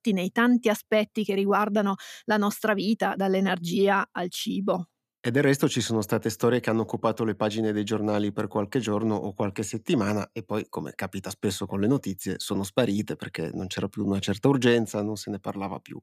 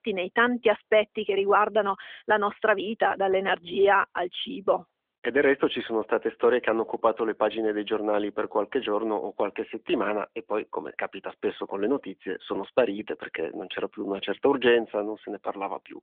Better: first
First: none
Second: phone-call audio; nothing above 3.5 kHz

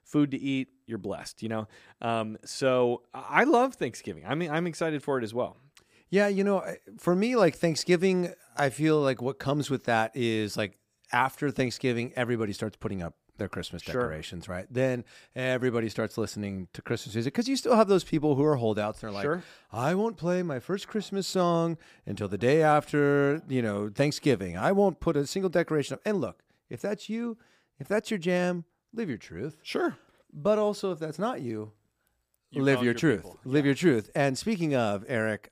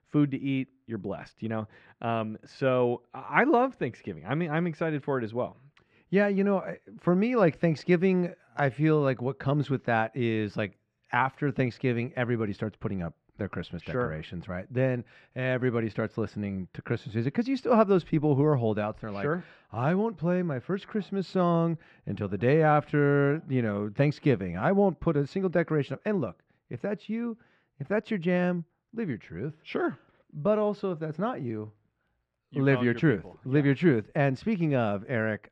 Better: first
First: none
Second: muffled; slightly; fading above 2.5 kHz

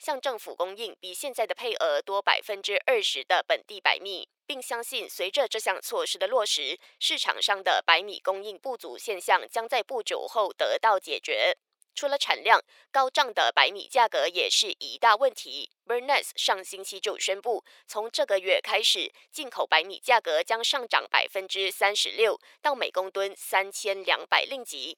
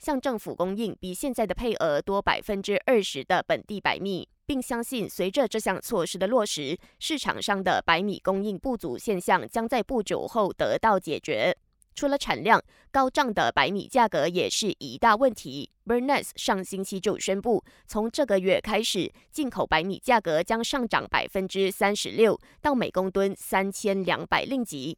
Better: second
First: thin; very; fading below 450 Hz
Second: none

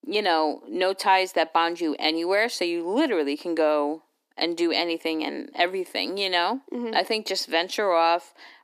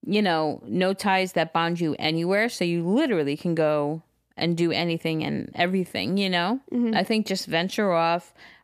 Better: second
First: thin; somewhat; fading below 300 Hz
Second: none

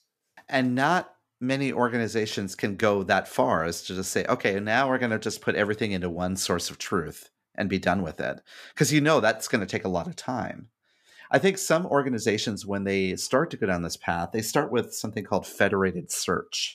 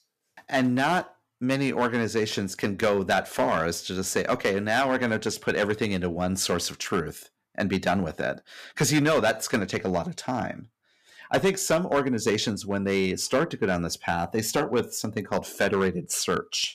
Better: first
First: none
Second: distortion; slight; 4% of the sound clipped

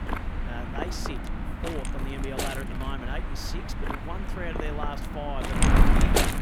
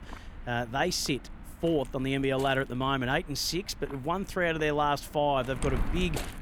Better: second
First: wind noise on the microphone; heavy; 5 dB above the speech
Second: wind noise on the microphone; occasional gusts; 15 dB below the speech

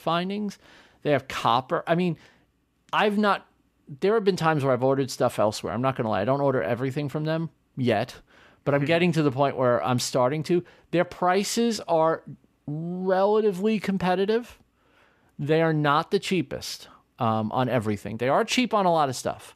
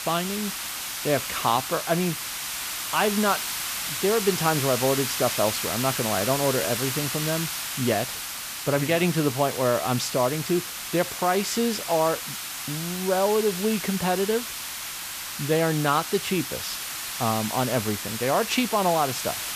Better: first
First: none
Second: hiss; loud; throughout; 4 dB below the speech

